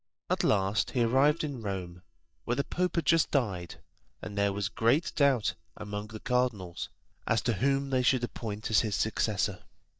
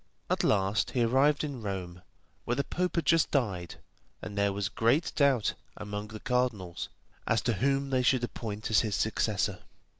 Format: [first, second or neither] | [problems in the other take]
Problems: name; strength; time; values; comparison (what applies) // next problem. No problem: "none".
second | noise reduction (neural mask model DeepFilterNet 3)